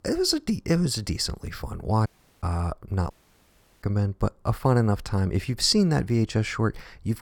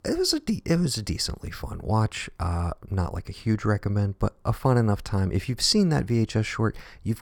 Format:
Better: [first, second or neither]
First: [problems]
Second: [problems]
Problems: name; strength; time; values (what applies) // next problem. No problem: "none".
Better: second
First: audio cutting out; at 2 s and at 3 s for 0.5 s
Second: none